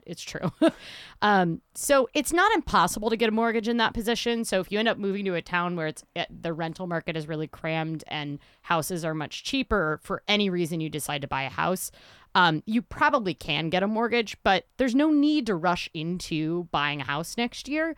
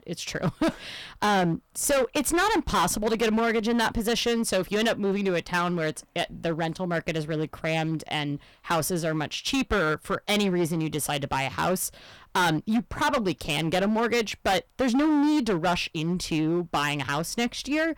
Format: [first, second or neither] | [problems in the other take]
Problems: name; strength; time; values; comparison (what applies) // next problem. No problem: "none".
first | distortion; heavy; 14% of the sound clipped